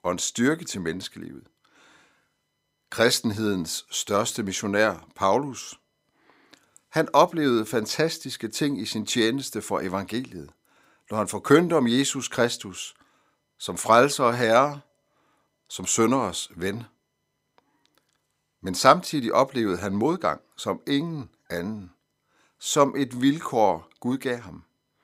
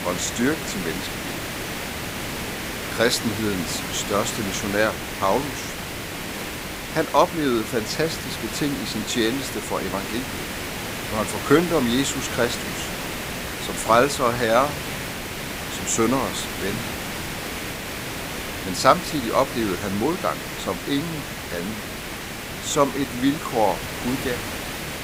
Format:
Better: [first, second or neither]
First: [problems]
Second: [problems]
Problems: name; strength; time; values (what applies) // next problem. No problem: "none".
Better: first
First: none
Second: hiss; loud; throughout; 5 dB below the speech